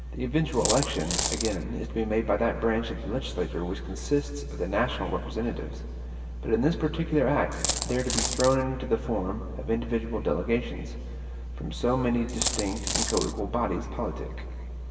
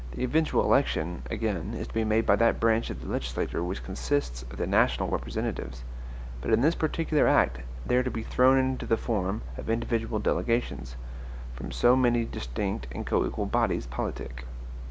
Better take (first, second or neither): second